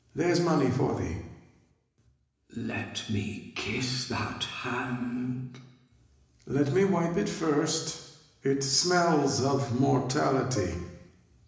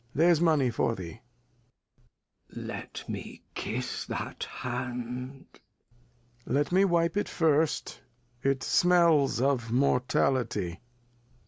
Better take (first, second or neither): second